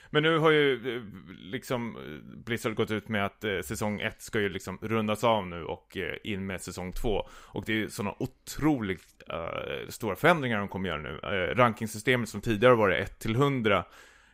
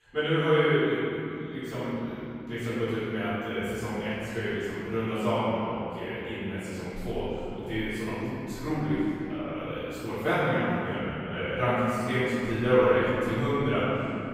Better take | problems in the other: first | off-mic speech; far // room echo; strong; dies away in 2.7 s

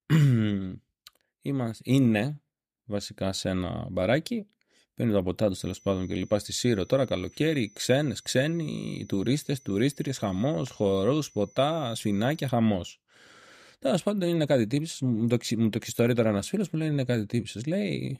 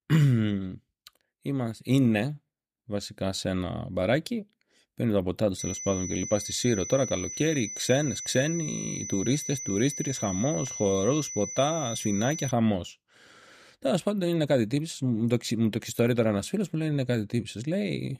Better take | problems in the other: first | high-pitched whine; loud; from 5.5 to 13 s; 6 kHz, 7 dB below the speech; faint in the first

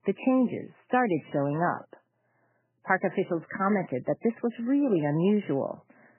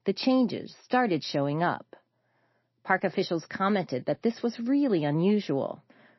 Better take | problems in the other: second | garbled, watery; badly; nothing above 3 kHz; slightly in the second

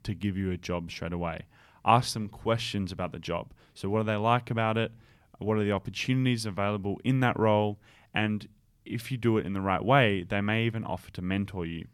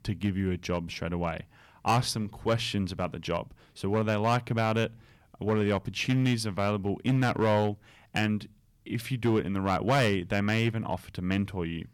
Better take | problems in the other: first | distortion; slight; 4% of the sound clipped

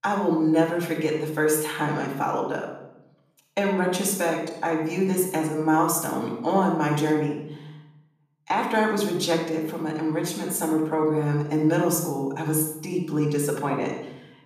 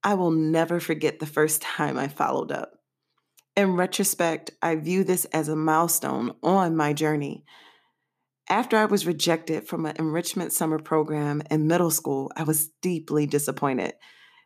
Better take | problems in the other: second | off-mic speech; far // room echo; noticeable; dies away in 0.7 s

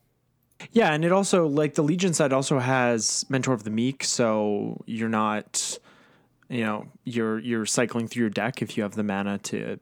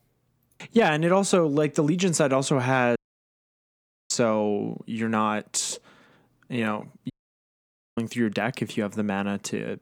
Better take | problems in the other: first | audio cutting out; at 3 s for 1 s and at 7 s for 1 s

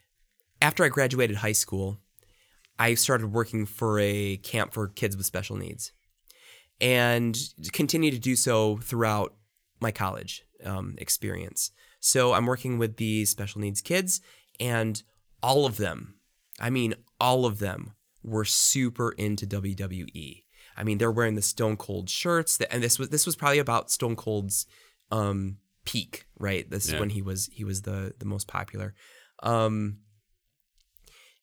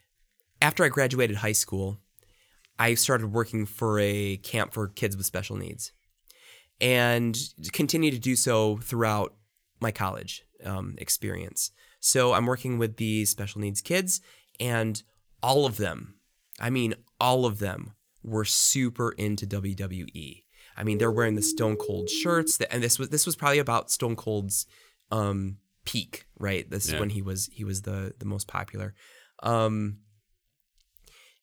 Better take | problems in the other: first | siren; noticeable; from 21 to 23 s; peak 7 dB below the speech

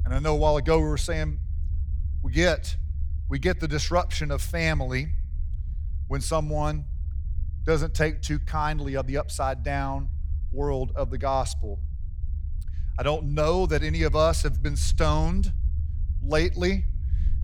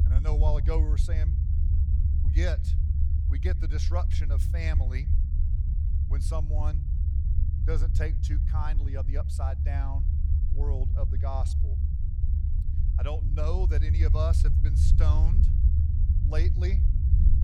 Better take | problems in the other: first | low rumble; loud; throughout; 5 dB below the speech; faint in the first

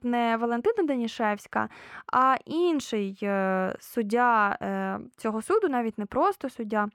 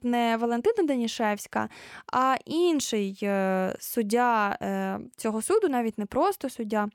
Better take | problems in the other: second | muffled; slightly; fading above 4 kHz

